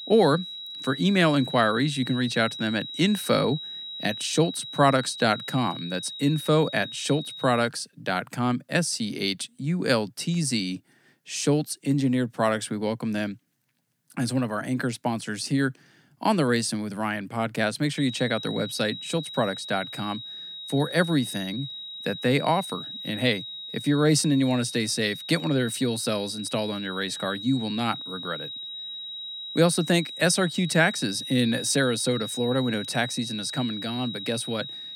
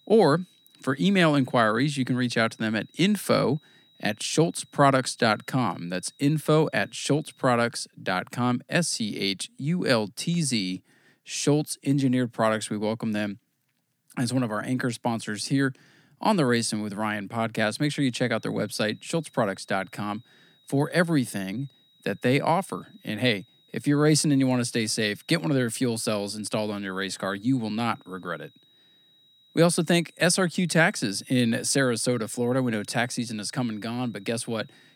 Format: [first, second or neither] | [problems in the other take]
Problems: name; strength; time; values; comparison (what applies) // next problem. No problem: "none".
second | high-pitched whine; loud; until 7.5 s and from 18 s on; 4 kHz, 9 dB below the speech; faint in the second